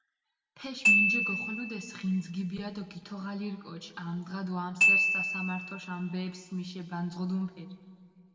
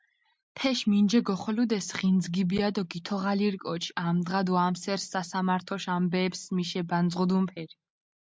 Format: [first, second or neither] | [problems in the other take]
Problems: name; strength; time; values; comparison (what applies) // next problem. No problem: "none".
second | background sound (Glockenspiel); 5 dB above the speech // room echo; dies away in 2 s